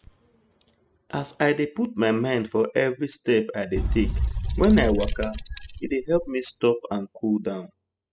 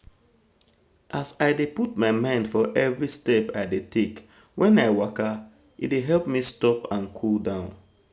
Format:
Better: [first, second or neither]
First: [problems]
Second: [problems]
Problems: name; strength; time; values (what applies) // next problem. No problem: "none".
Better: second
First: noise reduction (classical method spectral subtraction)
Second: none